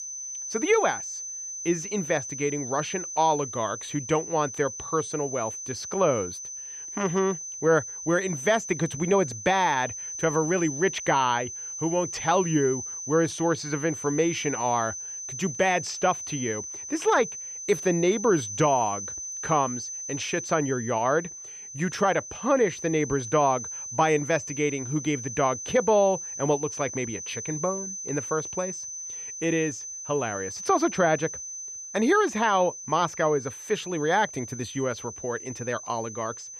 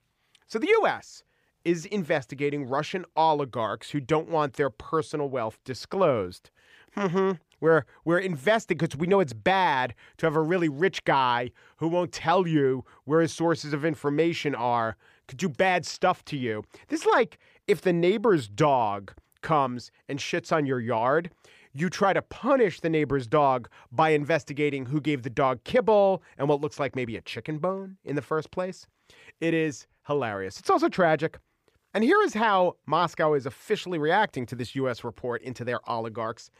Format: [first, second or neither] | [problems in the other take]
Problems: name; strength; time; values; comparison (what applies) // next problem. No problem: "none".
second | high-pitched whine; loud; throughout; 6 kHz, 8 dB below the speech